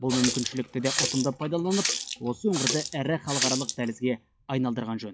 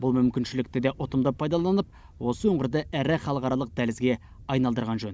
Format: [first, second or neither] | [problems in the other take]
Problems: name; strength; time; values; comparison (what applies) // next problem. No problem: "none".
second | noise reduction (classical method log-MMSE)